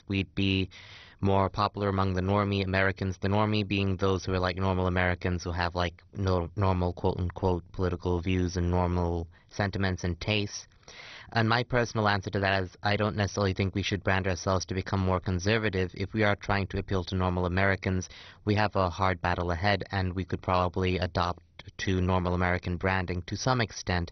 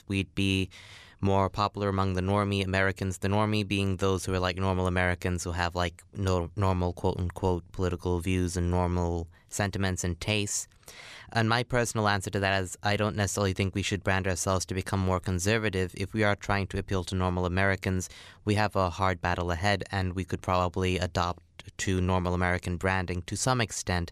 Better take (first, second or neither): second